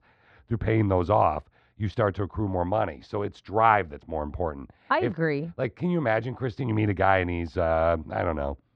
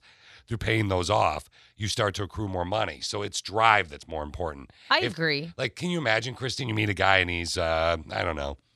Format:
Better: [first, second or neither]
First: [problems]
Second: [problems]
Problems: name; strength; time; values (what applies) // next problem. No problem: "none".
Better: second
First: muffled; very; fading above 1 kHz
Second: none